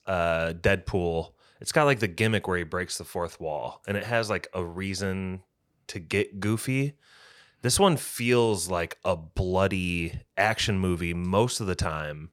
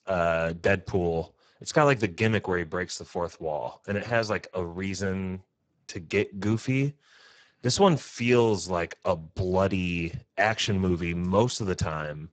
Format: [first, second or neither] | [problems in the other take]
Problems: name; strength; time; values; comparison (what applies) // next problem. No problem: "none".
first | garbled, watery; badly; nothing above 8 kHz